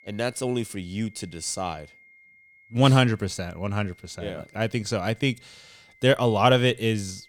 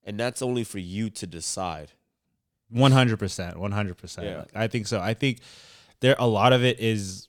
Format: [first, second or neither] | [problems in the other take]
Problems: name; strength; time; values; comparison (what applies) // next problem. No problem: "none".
second | high-pitched whine; faint; throughout; 2 kHz, 30 dB below the speech